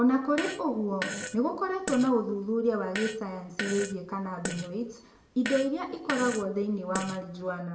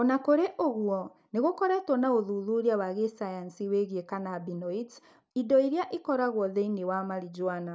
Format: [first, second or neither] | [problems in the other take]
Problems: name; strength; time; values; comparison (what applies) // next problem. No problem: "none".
second | background sound (Fart); 10 dB below the speech // room echo; dies away in 0.6 s